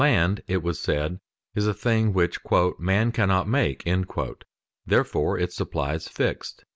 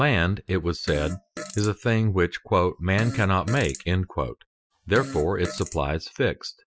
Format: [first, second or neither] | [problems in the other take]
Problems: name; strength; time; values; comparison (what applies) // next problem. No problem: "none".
first | noise reduction (classical method Wiener filter)